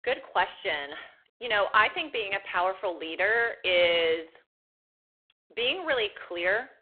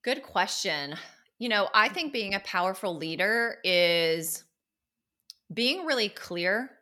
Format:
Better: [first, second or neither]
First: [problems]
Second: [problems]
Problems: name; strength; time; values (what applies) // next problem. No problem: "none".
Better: second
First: phone-call audio; poor line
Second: none